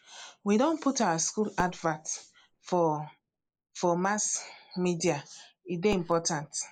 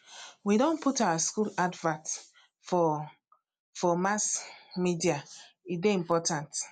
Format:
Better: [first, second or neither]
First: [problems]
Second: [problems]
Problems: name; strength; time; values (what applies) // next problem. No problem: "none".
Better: second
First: noise reduction (neural mask model Resemble Enhance denoiser)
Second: none